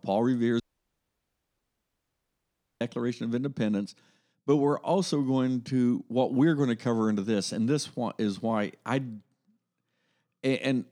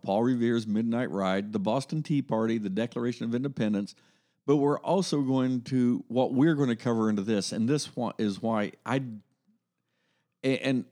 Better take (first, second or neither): second